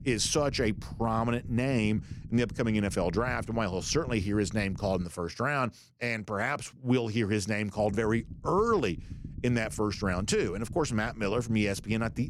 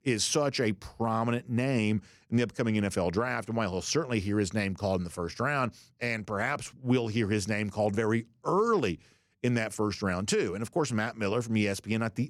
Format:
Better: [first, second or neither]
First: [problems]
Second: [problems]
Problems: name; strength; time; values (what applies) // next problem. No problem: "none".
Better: second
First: low rumble; faint; until 5 s and from 8 s on; 25 dB below the speech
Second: none